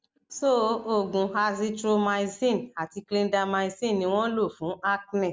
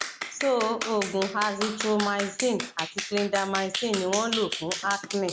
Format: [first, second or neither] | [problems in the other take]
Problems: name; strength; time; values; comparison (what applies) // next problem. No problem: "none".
first | background sound (Clapping); 6 dB below the speech